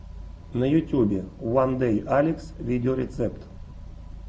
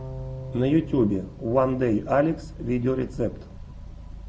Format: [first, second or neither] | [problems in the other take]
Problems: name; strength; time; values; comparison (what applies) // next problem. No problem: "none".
first | background sound (Bowed string instrument); 16 dB below the speech